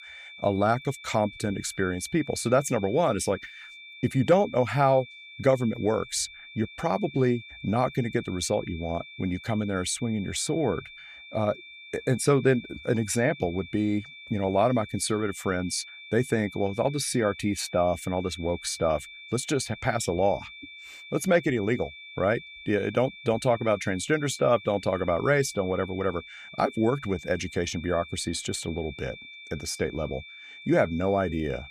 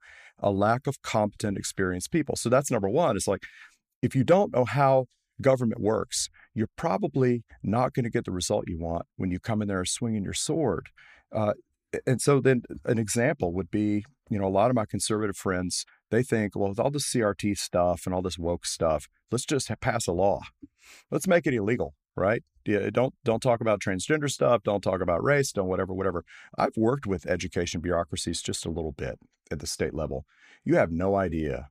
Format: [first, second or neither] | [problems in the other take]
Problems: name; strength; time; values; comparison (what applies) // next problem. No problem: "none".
second | high-pitched whine; noticeable; throughout; 2.5 kHz, 15 dB below the speech